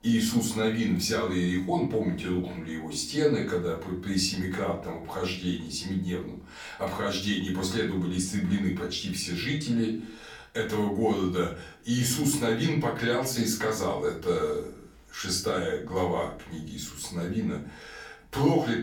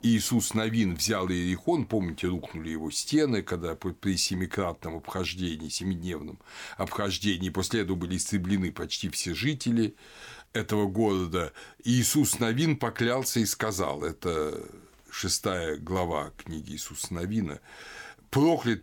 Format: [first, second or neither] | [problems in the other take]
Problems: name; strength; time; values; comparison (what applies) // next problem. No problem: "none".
second | off-mic speech; far // room echo; slight; dies away in 0.4 s